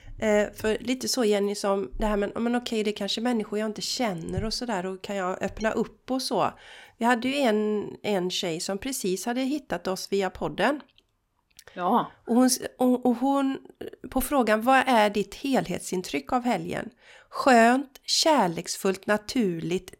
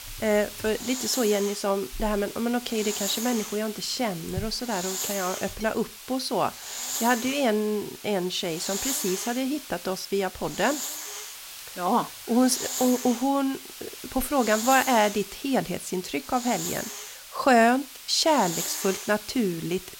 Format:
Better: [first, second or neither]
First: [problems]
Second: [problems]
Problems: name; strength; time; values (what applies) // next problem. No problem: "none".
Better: first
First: none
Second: hiss; loud; throughout; 8 dB below the speech